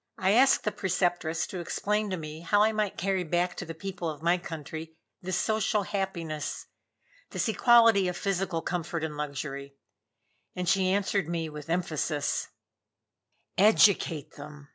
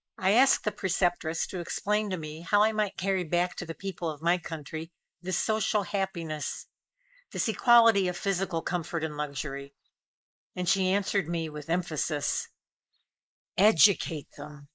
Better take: first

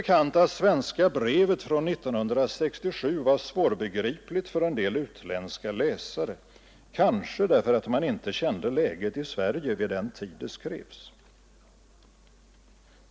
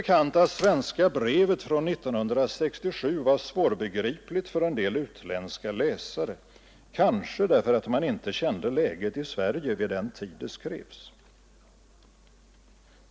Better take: first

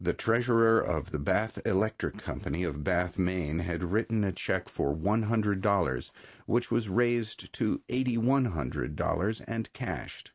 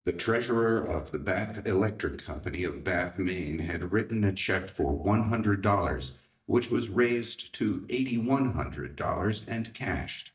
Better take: first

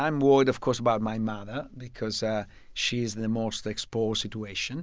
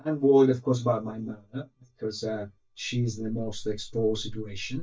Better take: first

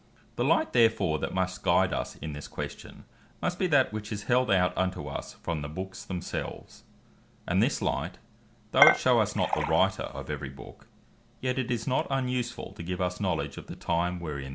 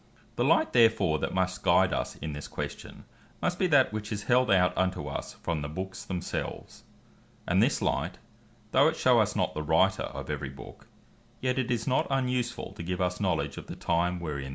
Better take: second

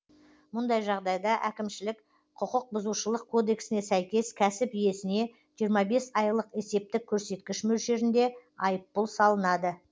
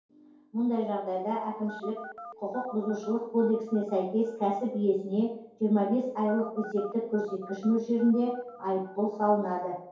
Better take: first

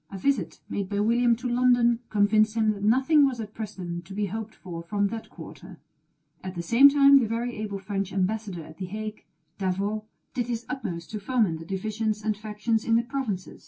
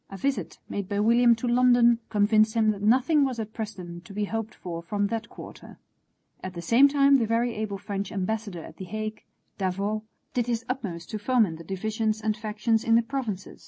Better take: second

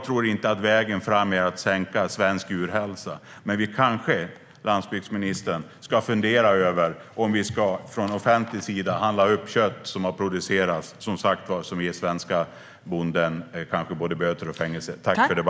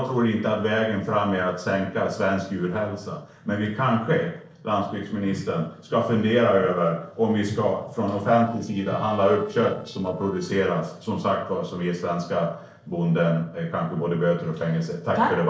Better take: first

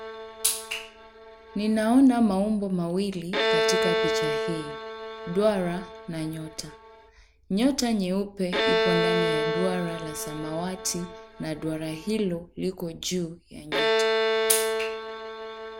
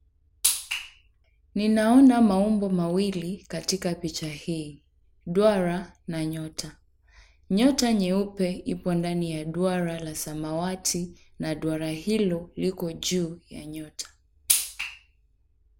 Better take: second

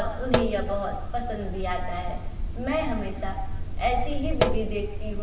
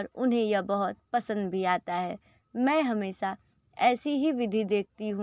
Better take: second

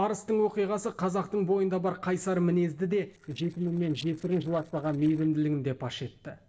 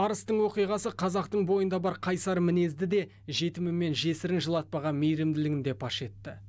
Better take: second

